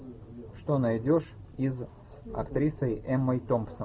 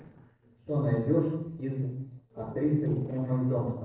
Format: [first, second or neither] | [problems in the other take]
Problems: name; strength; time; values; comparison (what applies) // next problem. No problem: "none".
first | noise reduction (neural separator model SepFormer DNS4)